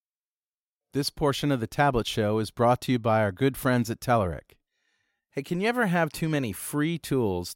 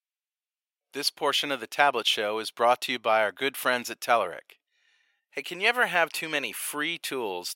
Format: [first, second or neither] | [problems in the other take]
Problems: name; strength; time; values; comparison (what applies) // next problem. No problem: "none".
first | thin; very; fading below 600 Hz